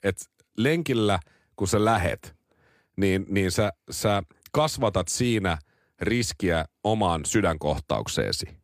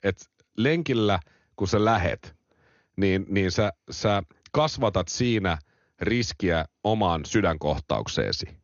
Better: first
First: none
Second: garbled, watery; slightly; nothing above 6.5 kHz

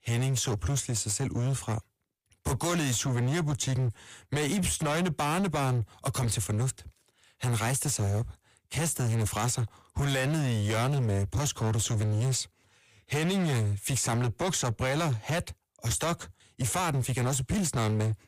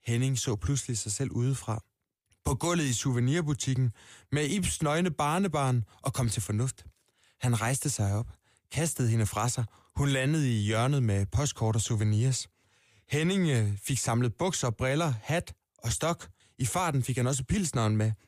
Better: second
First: distortion; slight; 25% of the sound clipped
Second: none

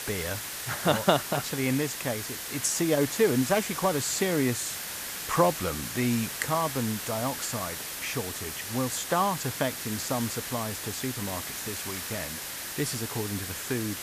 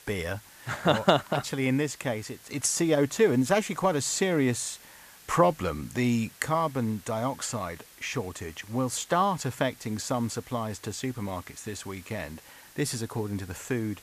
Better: second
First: hiss; loud; throughout; 4 dB below the speech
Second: hiss; faint; throughout; 20 dB below the speech

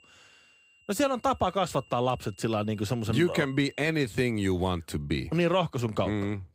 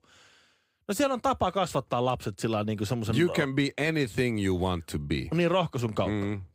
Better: second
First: high-pitched whine; faint; until 4 s; 3 kHz, 30 dB below the speech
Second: none

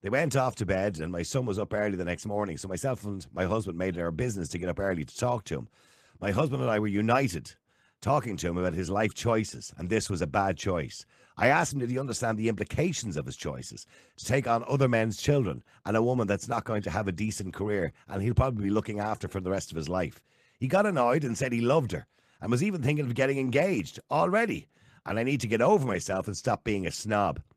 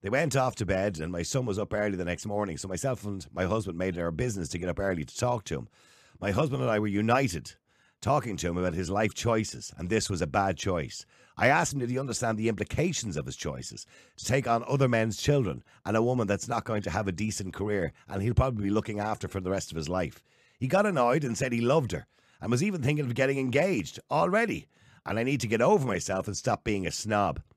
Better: second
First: garbled, watery; slightly; nothing above 14.5 kHz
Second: none

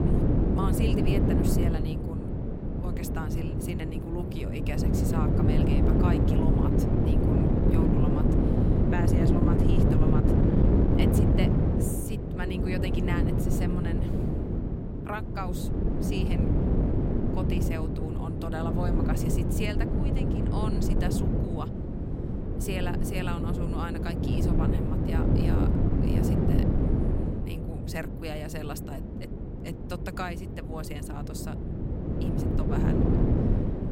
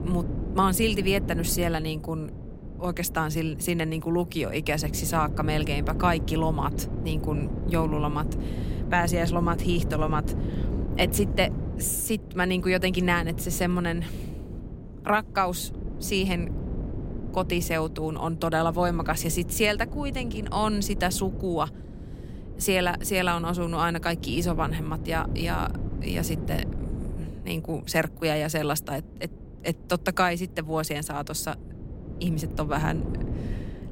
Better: second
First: wind noise on the microphone; heavy; 5 dB above the speech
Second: wind noise on the microphone; occasional gusts; 15 dB below the speech

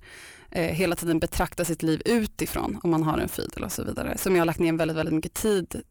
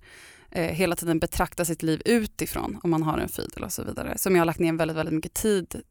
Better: second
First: distortion; slight; 10 dB below the speech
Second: none

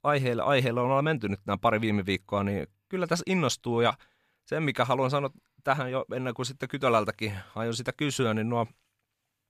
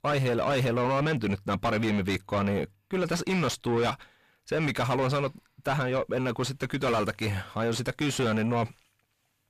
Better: first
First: none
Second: distortion; heavy; 6 dB below the speech

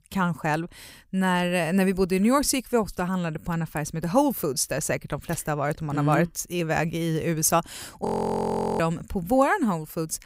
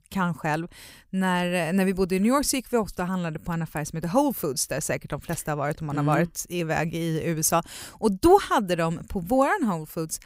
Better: second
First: audio freezing; at 8 s for 1 s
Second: none

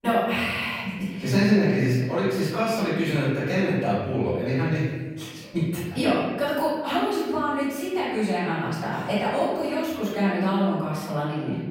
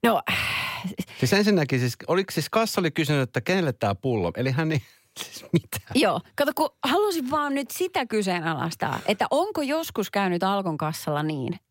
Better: second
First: off-mic speech; far // room echo; strong; dies away in 1.4 s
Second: none

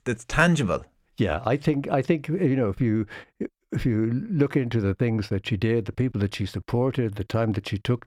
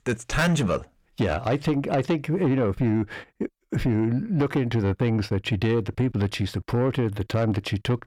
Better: first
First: none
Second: distortion; slight; 10 dB below the speech

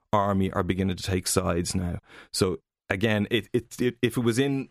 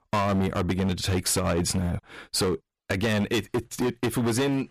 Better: first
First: none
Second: distortion; heavy; 19% of the sound clipped

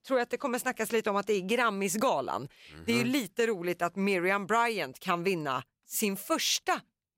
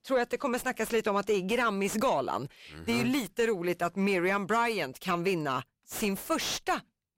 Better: first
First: none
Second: distortion; slight; 10 dB below the speech

